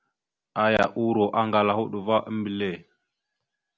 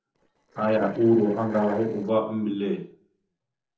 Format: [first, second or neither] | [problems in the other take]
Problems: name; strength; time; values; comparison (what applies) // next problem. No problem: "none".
first | noise reduction (neural separator model SepFormer DNS4)